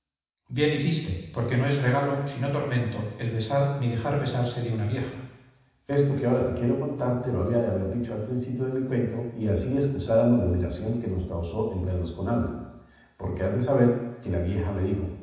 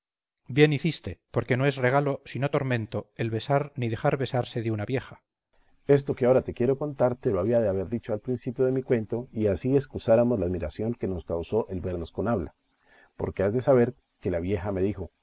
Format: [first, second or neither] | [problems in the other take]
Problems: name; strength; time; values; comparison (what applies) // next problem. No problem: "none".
second | room echo; dies away in 1.1 s